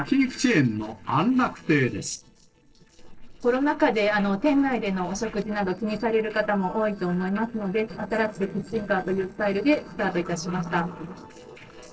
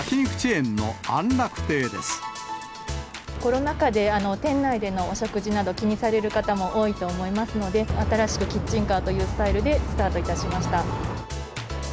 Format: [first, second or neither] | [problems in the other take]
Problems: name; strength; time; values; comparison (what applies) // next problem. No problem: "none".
second | noise reduction (neural separator model SepFormer DNS4)